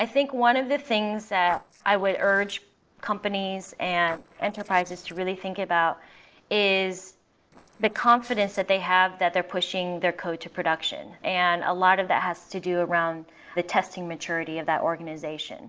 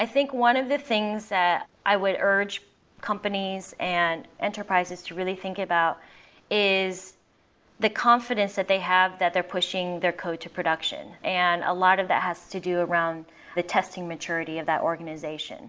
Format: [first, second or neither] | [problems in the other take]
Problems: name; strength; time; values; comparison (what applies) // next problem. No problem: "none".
second | noise reduction (neural separator model SepFormer DNS4)